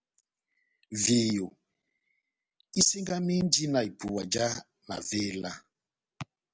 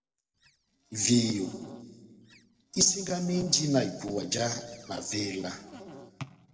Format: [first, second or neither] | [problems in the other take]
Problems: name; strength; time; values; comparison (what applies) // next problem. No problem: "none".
first | noise reduction (neural separator model SepFormer DNS4)